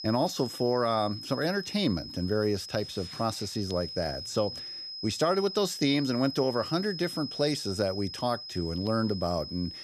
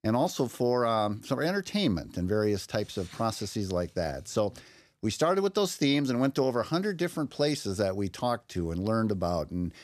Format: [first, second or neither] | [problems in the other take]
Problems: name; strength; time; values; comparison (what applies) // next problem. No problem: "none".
second | high-pitched whine; loud; throughout; 5 kHz, 8 dB below the speech